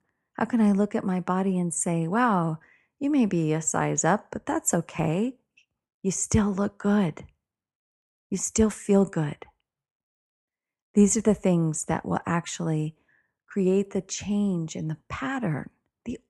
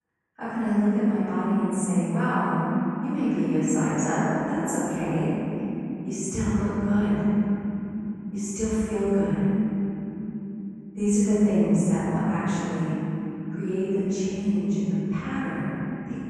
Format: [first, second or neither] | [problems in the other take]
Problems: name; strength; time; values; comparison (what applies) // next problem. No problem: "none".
first | off-mic speech; far // room echo; strong; dies away in 3 s